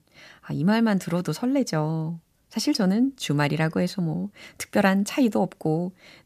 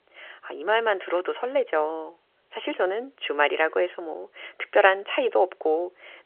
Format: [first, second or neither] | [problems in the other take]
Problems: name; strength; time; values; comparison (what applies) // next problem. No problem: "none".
first | phone-call audio; nothing above 3 kHz